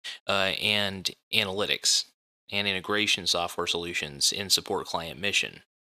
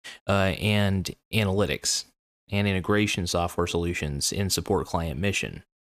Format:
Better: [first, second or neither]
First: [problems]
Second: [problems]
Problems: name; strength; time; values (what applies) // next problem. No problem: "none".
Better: second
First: thin; somewhat; fading below 550 Hz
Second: none